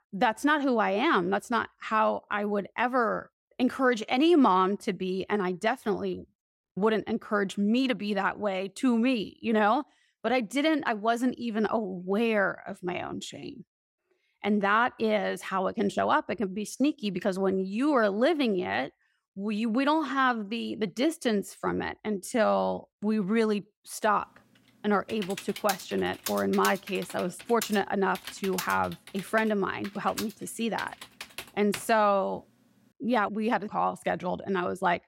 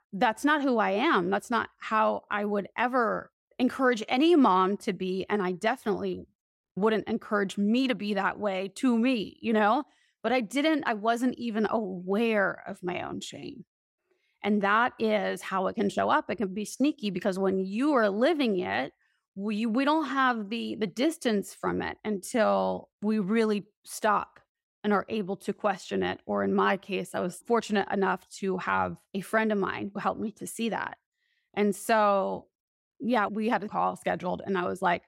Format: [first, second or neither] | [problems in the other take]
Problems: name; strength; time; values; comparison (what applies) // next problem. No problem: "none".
second | keyboard typing; noticeable; from 25 to 32 s; peak 8 dB below the speech